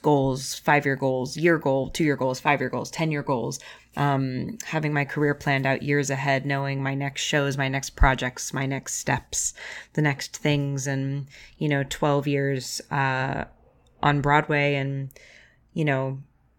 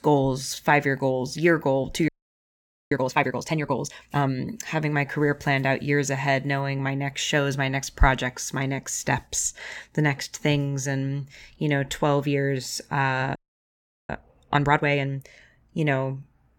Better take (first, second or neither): first